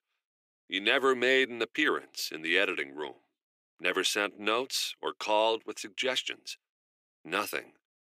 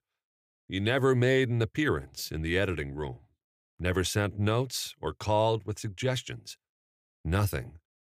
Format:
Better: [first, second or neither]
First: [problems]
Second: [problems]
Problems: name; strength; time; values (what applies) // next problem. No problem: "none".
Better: second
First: thin; somewhat; fading below 300 Hz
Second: none